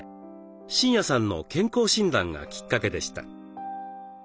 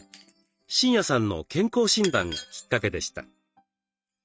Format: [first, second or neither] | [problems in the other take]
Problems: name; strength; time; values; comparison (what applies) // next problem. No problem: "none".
first | noise reduction (neural mask model RNNoise)